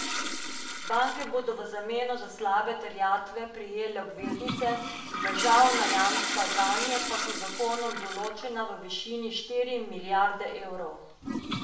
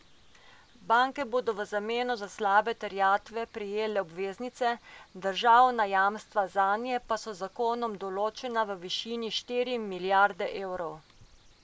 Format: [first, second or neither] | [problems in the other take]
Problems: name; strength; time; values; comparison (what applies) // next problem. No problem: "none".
second | background sound (Toilet flush); 5 dB below the speech // room echo; dies away in 0.6 s